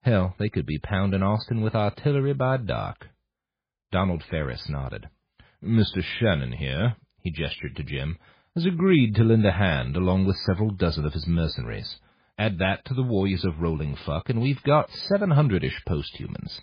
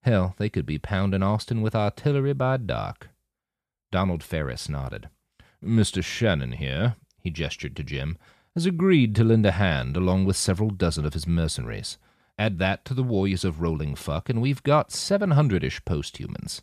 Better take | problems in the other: second | garbled, watery; badly

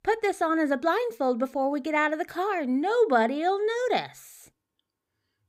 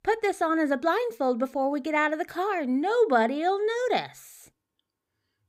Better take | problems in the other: neither | none

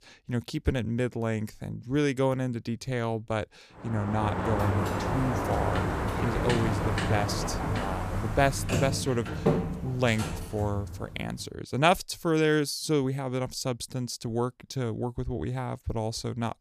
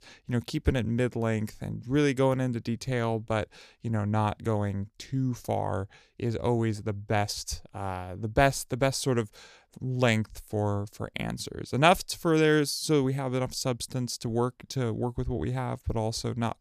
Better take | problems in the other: second | door banging; loud; from 4 to 11 s; peak 3 dB above the speech

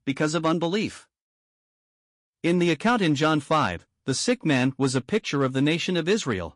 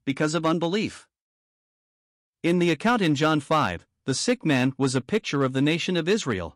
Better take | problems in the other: second | garbled, watery; slightly; nothing above 10 kHz

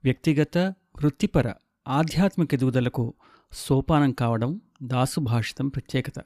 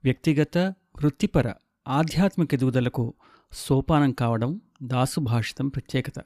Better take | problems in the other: neither | none

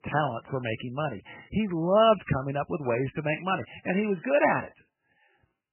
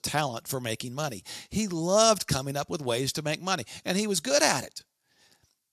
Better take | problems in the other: second | garbled, watery; badly; nothing above 3 kHz

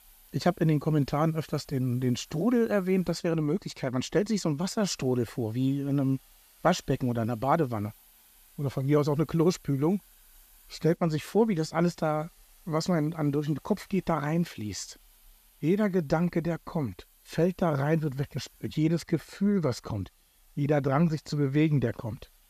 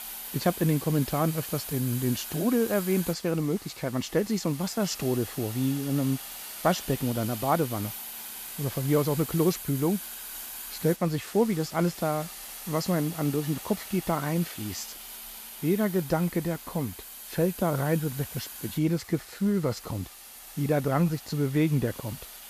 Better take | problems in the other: first | hiss; loud; throughout; 10 dB below the speech; faint in the first

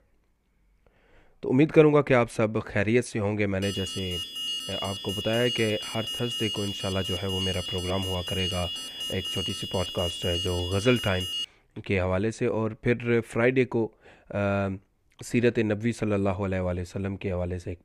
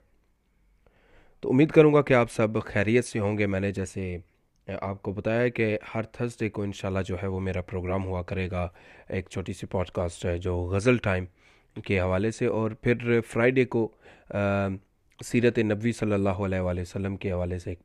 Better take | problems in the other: second | alarm; noticeable; from 3.5 to 11 s; peak 2 dB below the speech

